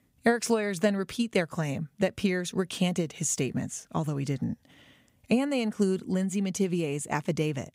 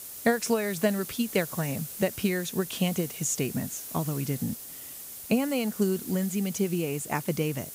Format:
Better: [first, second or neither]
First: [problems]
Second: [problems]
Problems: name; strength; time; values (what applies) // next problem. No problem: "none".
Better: first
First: none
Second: hiss; loud; throughout; 9 dB below the speech